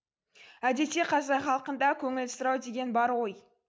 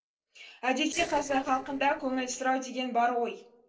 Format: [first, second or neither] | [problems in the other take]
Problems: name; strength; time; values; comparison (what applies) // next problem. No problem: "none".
first | noise reduction (neural separator model SepFormer DNS4)